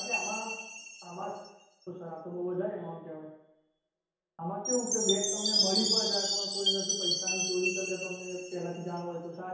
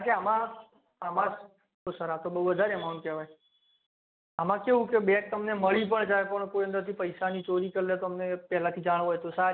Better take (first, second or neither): second